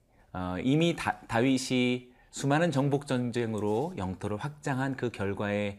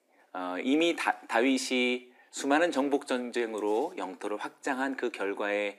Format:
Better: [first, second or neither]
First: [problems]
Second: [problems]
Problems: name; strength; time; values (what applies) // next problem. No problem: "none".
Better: first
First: none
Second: thin; very slightly; fading below 300 Hz